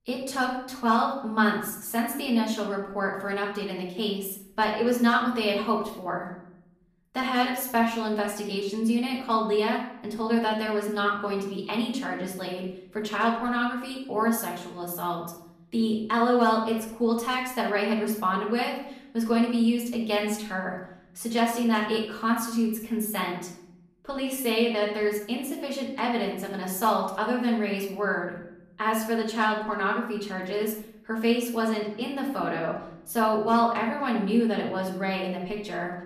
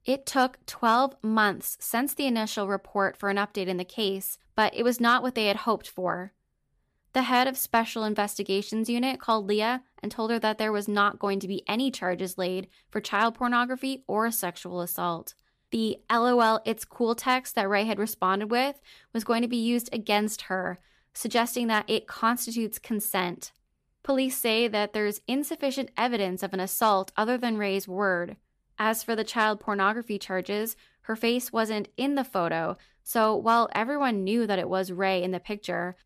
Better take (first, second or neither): second